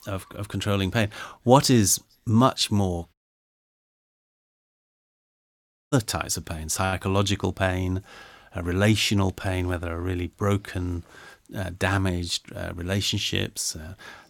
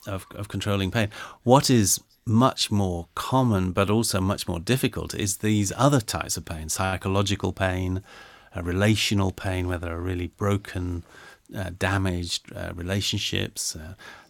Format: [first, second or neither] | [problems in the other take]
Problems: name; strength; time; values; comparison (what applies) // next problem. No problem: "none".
second | audio cutting out; at 3 s for 3 s